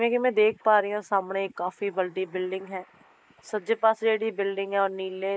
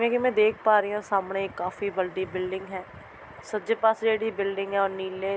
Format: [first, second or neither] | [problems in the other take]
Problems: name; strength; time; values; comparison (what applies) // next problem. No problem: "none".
second | noise reduction (neural mask model Resemble Enhance denoiser)